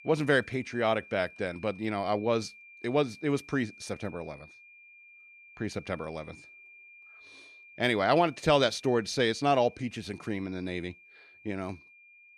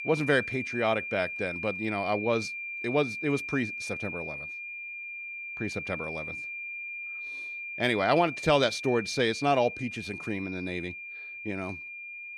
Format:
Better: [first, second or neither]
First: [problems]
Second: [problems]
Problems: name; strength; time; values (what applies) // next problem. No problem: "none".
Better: first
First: high-pitched whine; faint; throughout; 2.5 kHz, 20 dB below the speech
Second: high-pitched whine; loud; throughout; 2.5 kHz, 6 dB below the speech